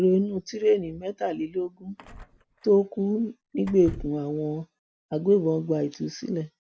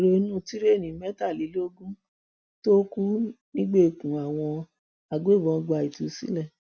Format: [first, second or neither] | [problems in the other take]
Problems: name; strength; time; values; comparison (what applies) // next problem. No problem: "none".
second | background sound (Door / Car); 17 dB below the speech